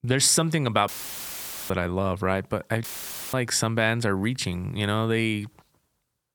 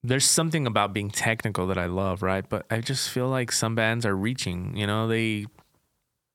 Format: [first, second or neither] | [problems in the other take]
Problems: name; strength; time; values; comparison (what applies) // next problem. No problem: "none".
second | audio cutting out; filled with static; at 1 s for 1 s and at 3 s